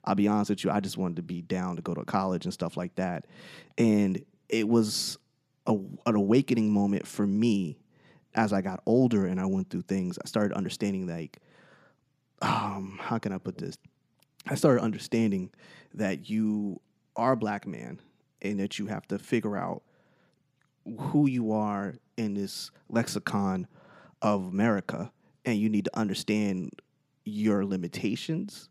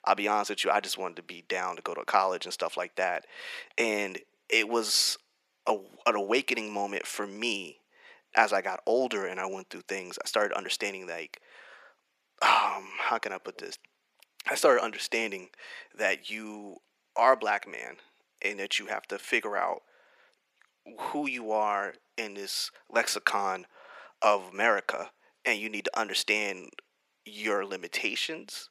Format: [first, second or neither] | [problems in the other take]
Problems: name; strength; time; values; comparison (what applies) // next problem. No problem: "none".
first | thin; very; fading below 500 Hz